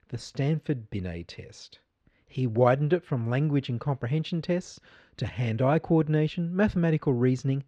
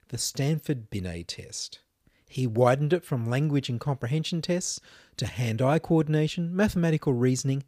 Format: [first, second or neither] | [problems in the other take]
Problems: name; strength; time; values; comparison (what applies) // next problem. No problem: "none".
second | muffled; slightly; fading above 3 kHz